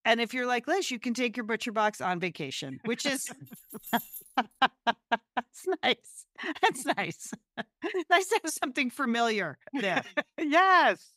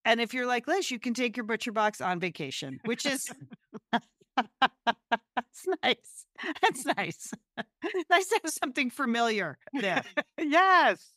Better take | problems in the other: second | jangling keys; faint; at 3.5 s; peak 10 dB below the speech

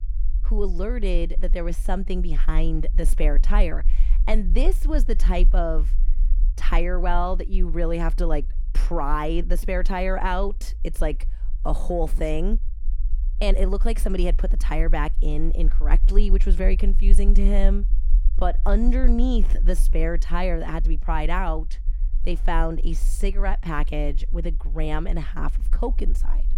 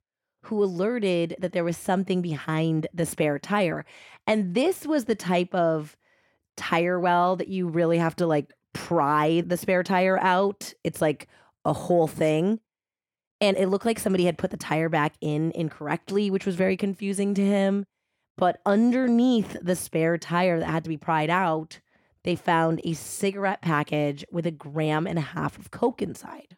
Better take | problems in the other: second | low rumble; faint; throughout; 20 dB below the speech

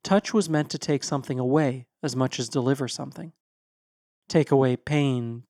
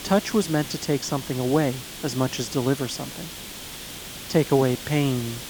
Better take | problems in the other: first | hiss; noticeable; throughout; 10 dB below the speech

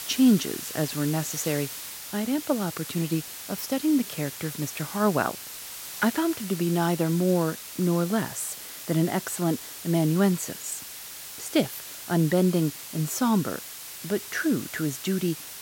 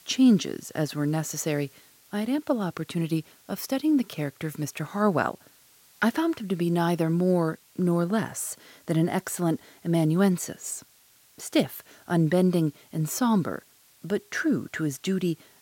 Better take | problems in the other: second | hiss; loud; throughout; 9 dB below the speech; faint in the second

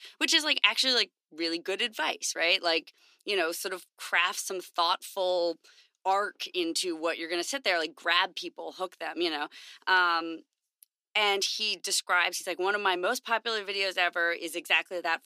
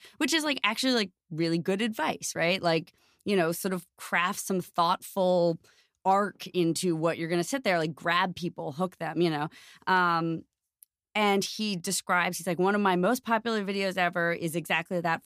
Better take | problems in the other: second | thin; very; fading below 300 Hz

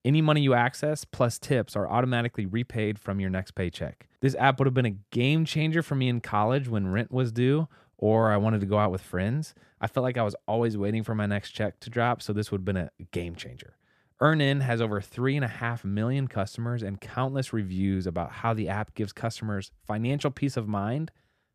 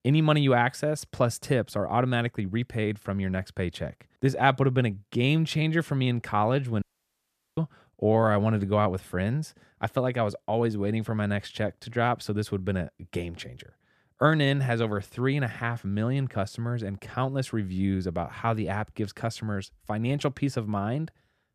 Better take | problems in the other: first | audio cutting out; at 7 s for 1 s

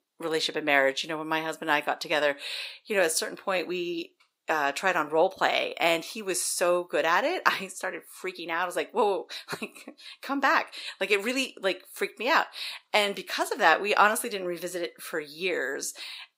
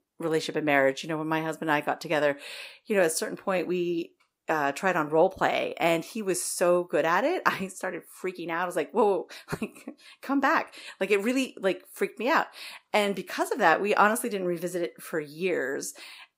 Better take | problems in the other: second | thin; very slightly; fading below 500 Hz

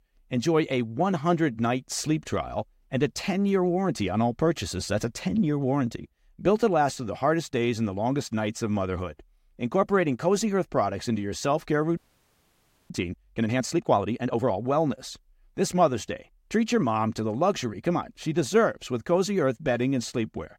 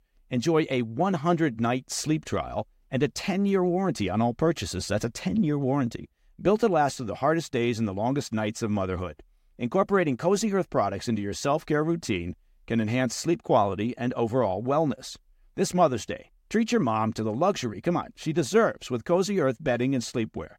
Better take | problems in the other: second | audio freezing; at 12 s for 1 s

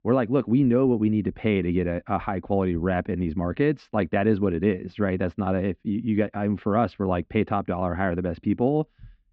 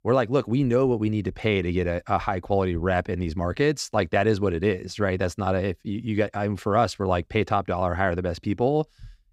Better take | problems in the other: second | muffled; very; fading above 3 kHz

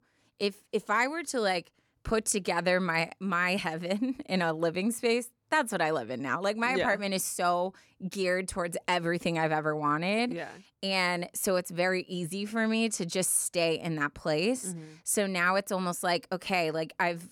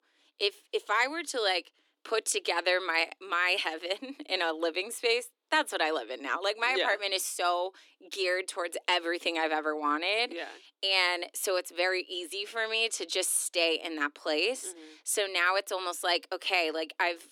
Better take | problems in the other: first | thin; somewhat; fading below 300 Hz

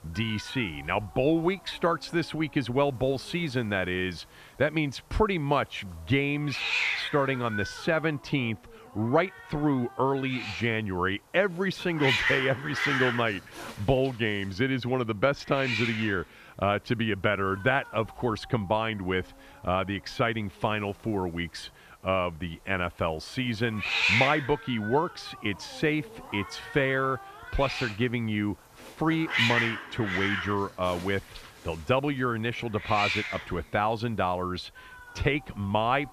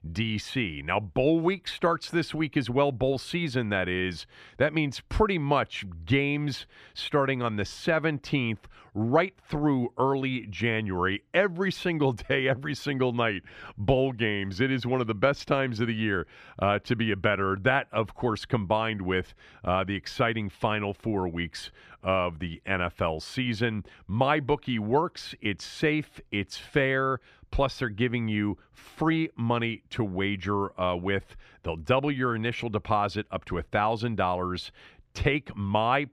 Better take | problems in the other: second | hiss; loud; throughout; 2 dB below the speech

